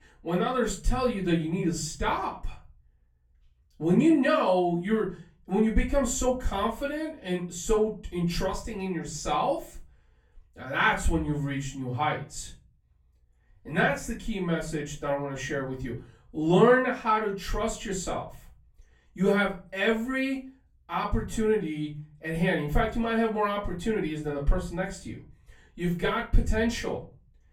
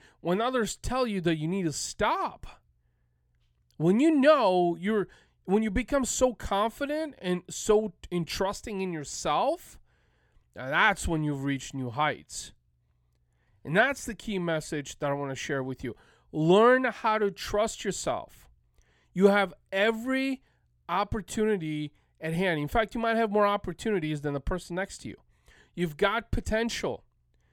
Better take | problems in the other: second | off-mic speech; far // room echo; slight; dies away in 0.4 s

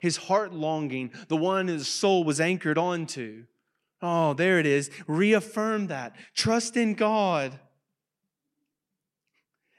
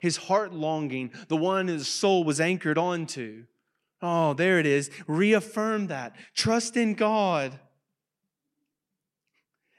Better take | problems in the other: neither | none

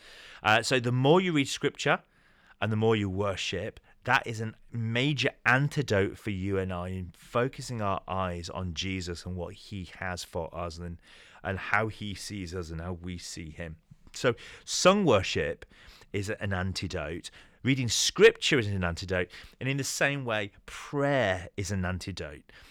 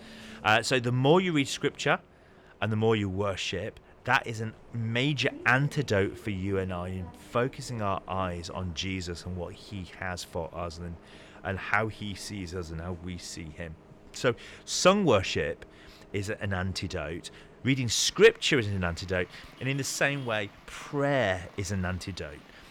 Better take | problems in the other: first | traffic noise; faint; throughout; 25 dB below the speech

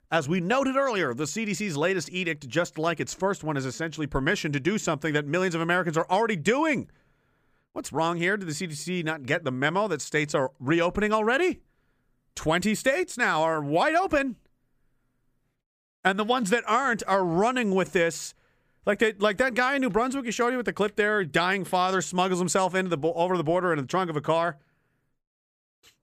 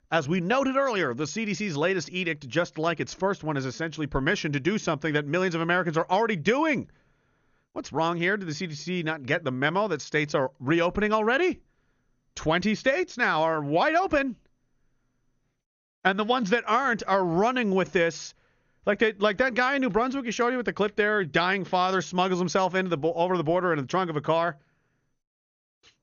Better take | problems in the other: first | garbled, watery; slightly; nothing above 6.5 kHz

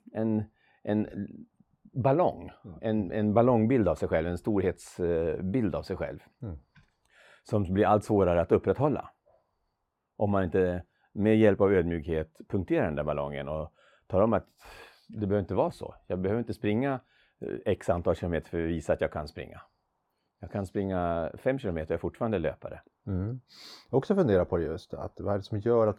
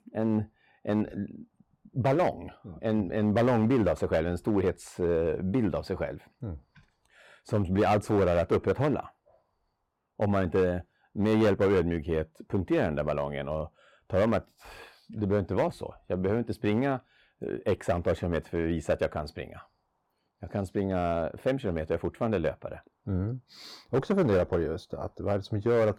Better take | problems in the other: first | distortion; slight; 4% of the sound clipped

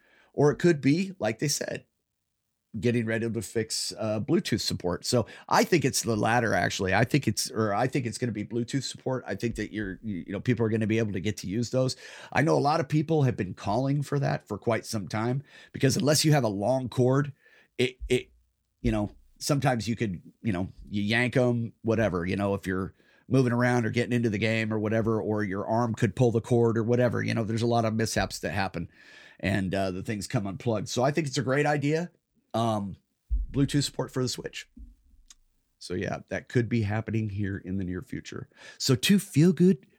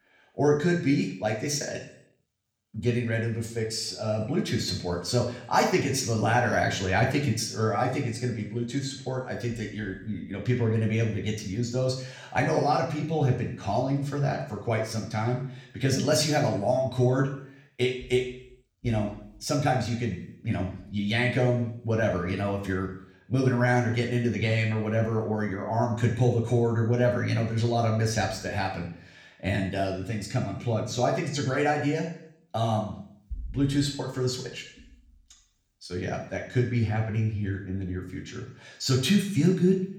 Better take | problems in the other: first | room echo; noticeable; dies away in 0.6 s // off-mic speech; somewhat distant

